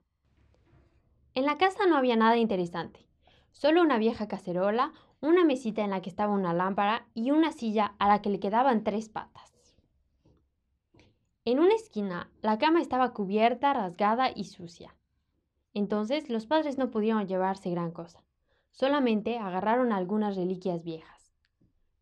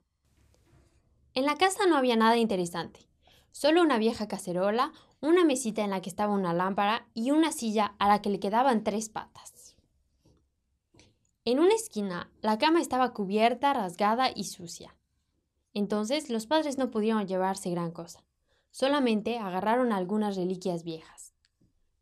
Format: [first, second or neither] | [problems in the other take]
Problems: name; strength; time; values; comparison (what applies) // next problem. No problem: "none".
second | muffled; slightly; fading above 3 kHz